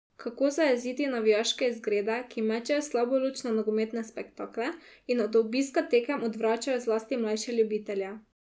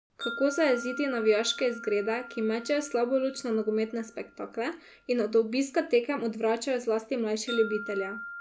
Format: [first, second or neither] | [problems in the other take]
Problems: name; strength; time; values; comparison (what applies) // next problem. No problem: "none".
first | background sound (Wind chime); 14 dB below the speech